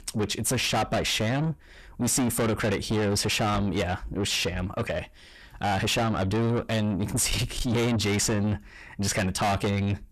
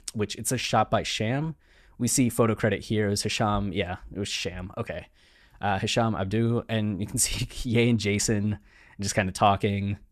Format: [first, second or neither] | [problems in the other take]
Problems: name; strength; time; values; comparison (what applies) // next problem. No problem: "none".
second | distortion; heavy; 6 dB below the speech